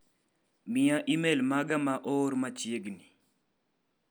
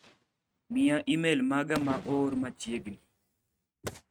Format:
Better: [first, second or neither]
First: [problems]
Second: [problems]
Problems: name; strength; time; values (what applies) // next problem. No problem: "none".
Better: first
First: none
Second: noise reduction (neural mask model RNNoise)